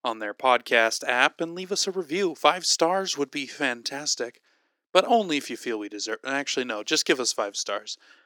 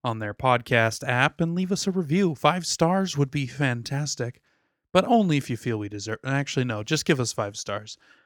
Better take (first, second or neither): second